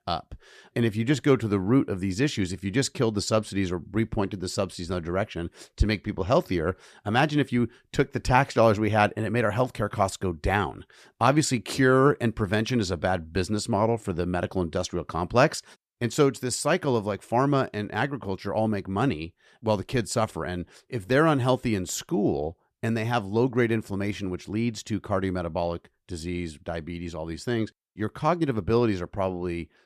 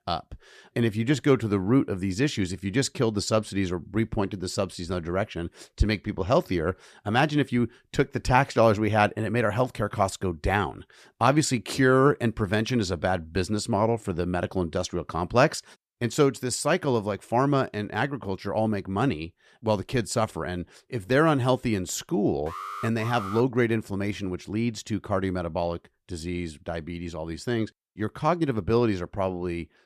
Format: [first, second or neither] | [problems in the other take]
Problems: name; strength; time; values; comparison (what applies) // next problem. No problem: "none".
first | alarm; noticeable; at 22 s; peak 9 dB below the speech